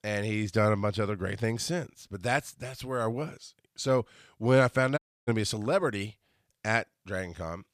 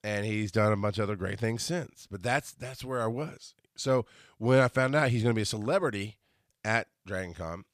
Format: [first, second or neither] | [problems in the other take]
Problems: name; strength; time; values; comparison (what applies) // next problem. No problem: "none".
second | audio cutting out; at 5 s